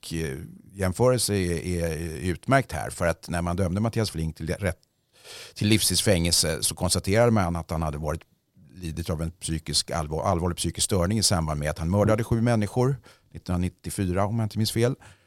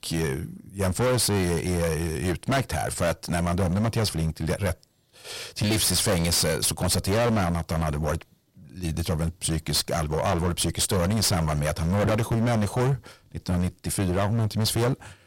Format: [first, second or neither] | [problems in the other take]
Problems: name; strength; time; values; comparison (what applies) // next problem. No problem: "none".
first | distortion; heavy; 19% of the sound clipped